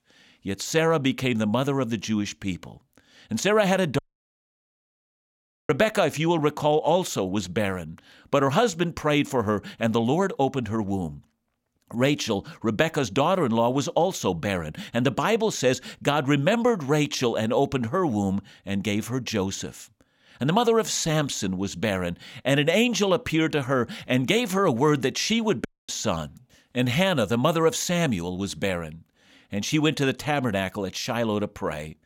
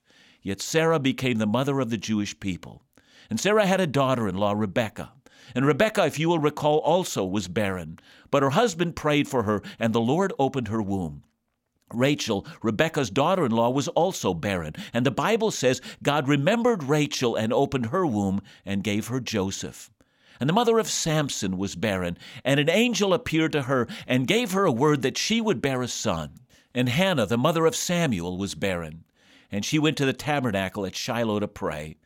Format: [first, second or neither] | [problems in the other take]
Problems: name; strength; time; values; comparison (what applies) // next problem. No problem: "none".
second | audio cutting out; at 4 s for 1.5 s and at 26 s